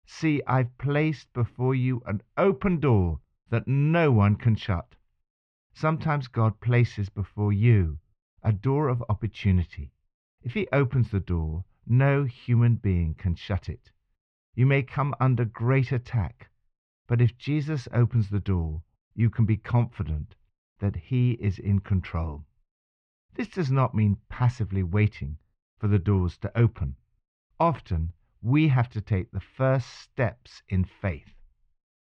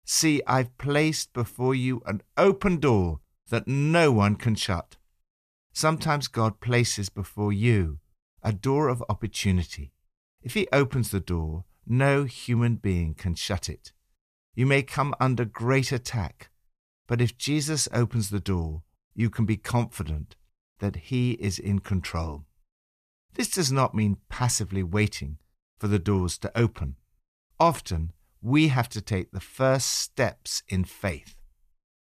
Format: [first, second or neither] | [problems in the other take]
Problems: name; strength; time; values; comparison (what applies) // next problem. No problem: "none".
second | muffled; very; fading above 3 kHz